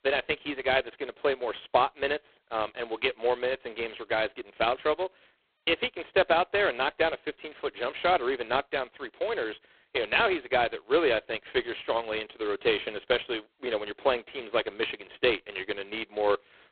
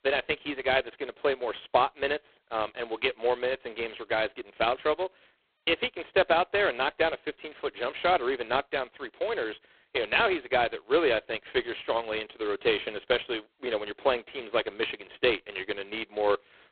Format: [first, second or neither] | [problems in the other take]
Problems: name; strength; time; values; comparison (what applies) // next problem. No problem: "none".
neither | phone-call audio; poor line; nothing above 4 kHz; the same in both